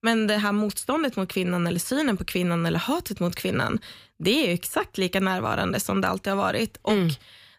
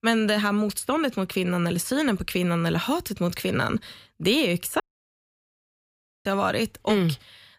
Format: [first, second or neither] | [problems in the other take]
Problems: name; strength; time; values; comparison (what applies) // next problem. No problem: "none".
first | audio cutting out; at 5 s for 1.5 s